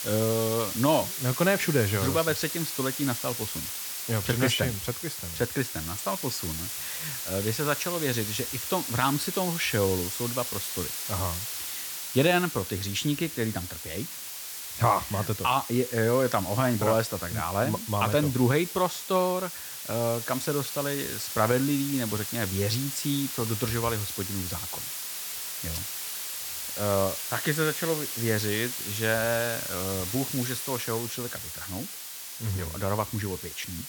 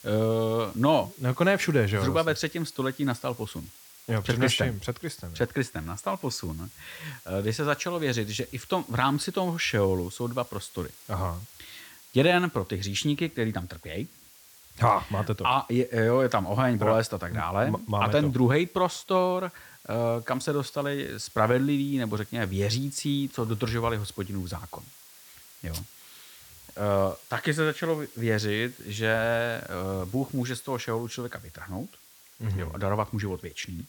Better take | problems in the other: second | hiss; loud; throughout; 4 dB below the speech; faint in the second

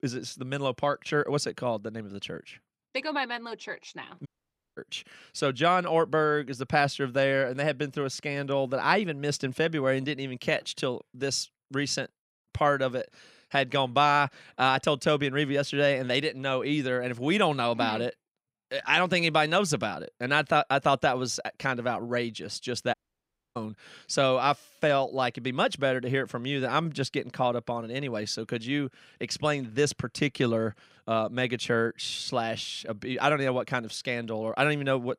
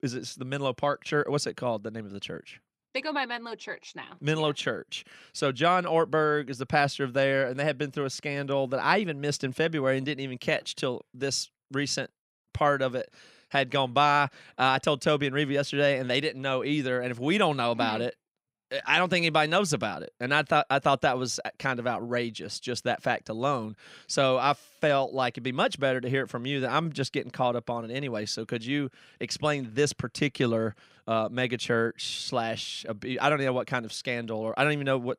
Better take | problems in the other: second | audio cutting out; at 4.5 s for 0.5 s and at 23 s for 0.5 s

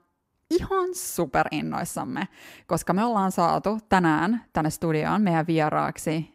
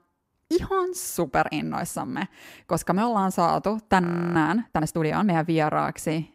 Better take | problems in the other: first | audio freezing; at 4 s

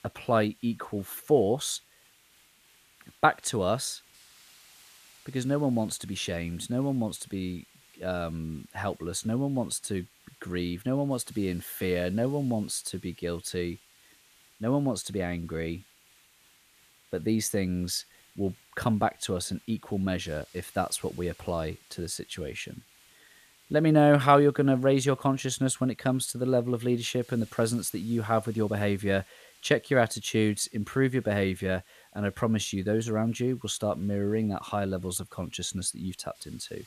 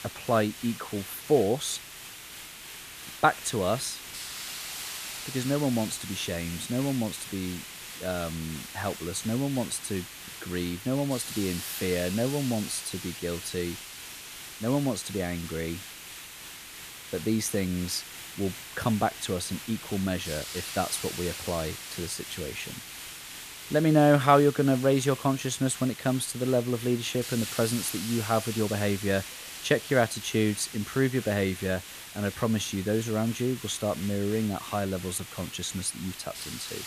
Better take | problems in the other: first | hiss; loud; throughout; 10 dB below the speech; faint in the first

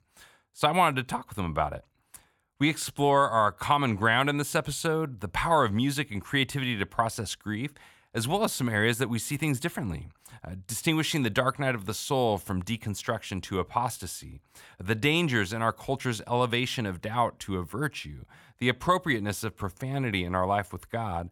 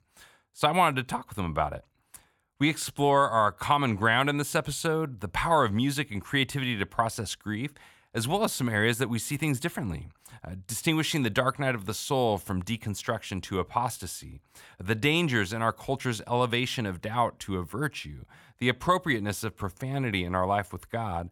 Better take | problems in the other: neither | none

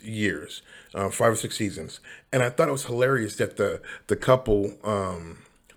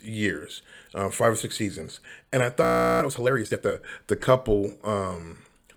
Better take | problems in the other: first | audio freezing; at 2.5 s

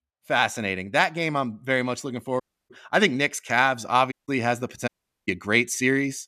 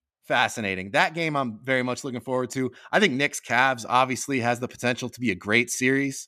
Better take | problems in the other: second | audio cutting out; at 2.5 s, at 4 s and at 5 s

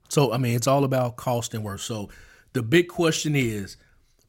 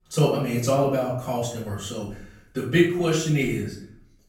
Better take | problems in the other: first | off-mic speech; far // room echo; noticeable; dies away in 0.5 s

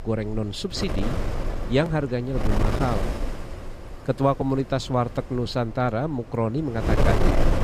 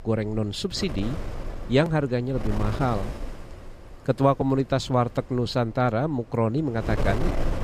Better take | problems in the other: second | wind noise on the microphone; heavy; 4 dB below the speech; occasional gusts in the second

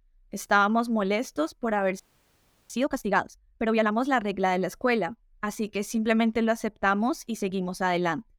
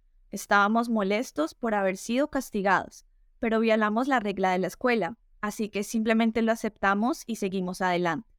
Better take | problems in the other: second | audio freezing; at 2 s for 0.5 s

